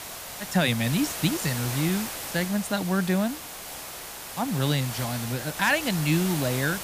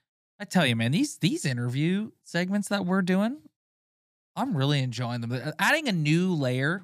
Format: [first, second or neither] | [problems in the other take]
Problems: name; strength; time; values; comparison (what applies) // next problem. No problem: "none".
second | hiss; loud; throughout; 7 dB below the speech